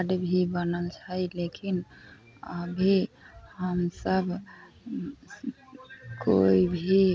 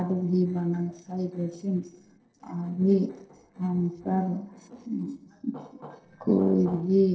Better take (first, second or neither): first